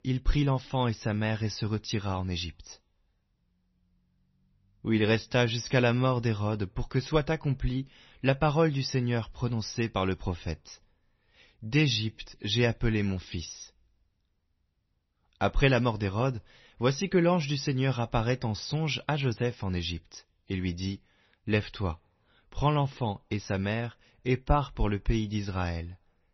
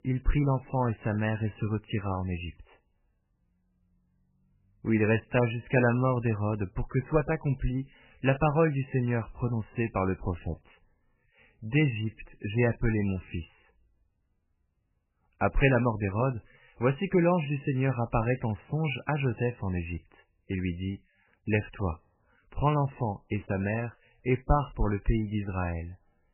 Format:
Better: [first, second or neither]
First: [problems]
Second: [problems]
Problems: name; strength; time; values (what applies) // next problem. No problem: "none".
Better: first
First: garbled, watery; slightly; nothing above 6 kHz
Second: garbled, watery; badly; nothing above 3 kHz